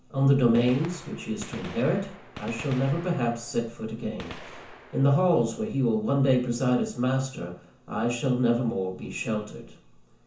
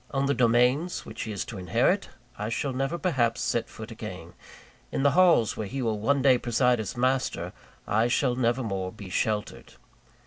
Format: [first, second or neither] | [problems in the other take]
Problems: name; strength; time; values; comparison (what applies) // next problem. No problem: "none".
second | background sound (Gunshot, gunfire); 19 dB below the speech // room echo; dies away in 0.6 s